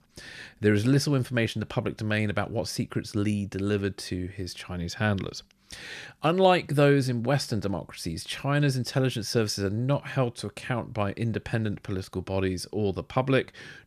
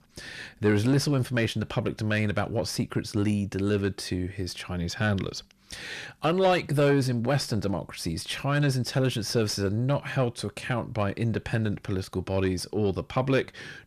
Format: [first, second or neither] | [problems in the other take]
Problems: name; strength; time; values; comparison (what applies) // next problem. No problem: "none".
first | distortion; slight; 10 dB below the speech